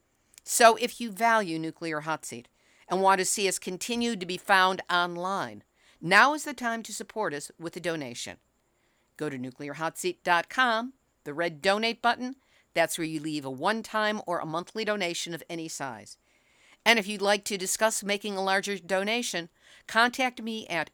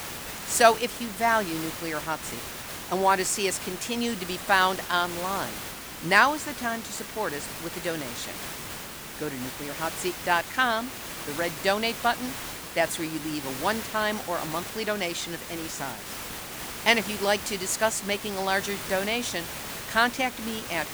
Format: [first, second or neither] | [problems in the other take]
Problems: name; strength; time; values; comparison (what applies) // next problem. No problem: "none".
first | hiss; loud; throughout; 8 dB below the speech